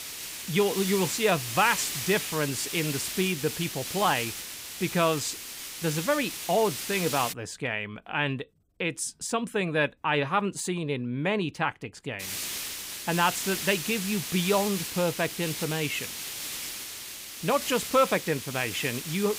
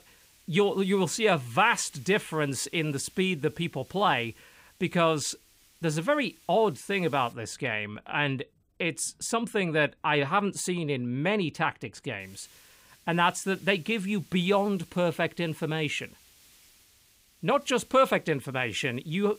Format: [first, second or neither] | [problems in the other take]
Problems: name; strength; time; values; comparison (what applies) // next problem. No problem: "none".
second | hiss; loud; until 7.5 s and from 12 s on; 5 dB below the speech; faint in the second